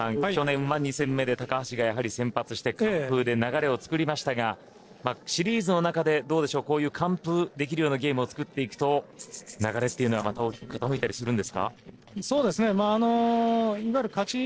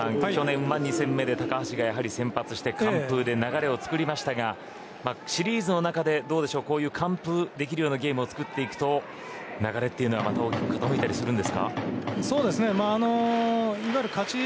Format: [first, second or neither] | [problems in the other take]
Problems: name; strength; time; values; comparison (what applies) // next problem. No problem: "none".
second | noise reduction (neural separator model SepFormer DNS4)